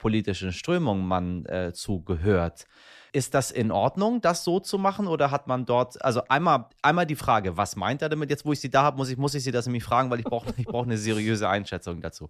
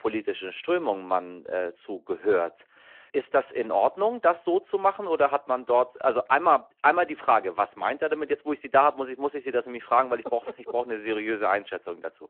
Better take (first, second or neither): first